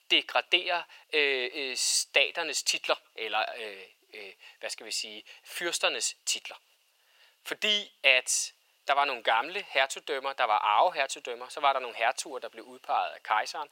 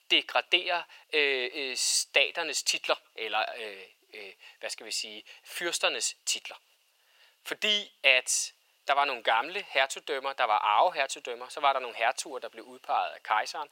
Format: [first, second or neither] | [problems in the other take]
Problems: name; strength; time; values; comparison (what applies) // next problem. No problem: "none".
neither | thin; very; fading below 600 Hz; the same in both